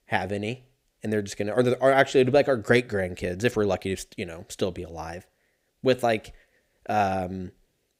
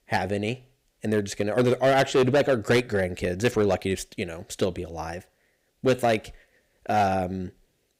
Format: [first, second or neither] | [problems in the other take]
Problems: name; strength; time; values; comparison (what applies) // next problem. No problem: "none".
first | distortion; slight; 5% of the sound clipped